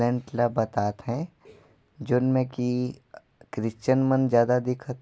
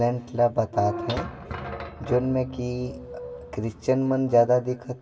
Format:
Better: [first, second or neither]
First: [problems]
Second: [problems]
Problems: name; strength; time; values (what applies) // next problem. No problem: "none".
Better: first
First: none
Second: background sound (Squeak / Thump, thud); 10 dB below the speech // room echo; dies away in 1.8 s